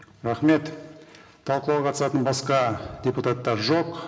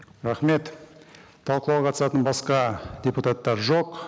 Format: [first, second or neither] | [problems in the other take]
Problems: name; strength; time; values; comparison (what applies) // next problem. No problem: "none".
second | room echo; dies away in 0.9 s